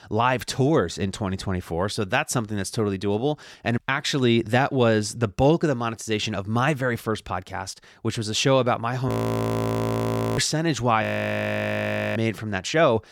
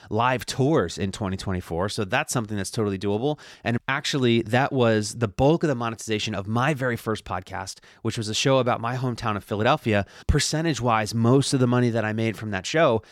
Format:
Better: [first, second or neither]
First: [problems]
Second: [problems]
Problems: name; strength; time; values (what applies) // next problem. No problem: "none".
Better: second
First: audio freezing; at 9 s for 1.5 s and at 11 s for 1 s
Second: none